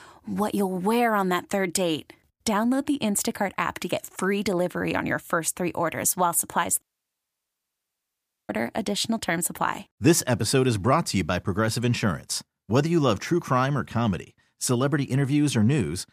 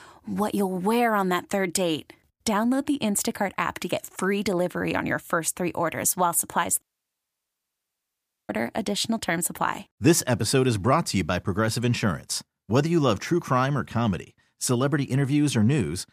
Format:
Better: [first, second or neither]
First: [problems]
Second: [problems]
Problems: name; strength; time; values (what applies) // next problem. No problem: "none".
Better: neither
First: audio cutting out; at 7 s for 1.5 s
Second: audio cutting out; at 7 s for 1.5 s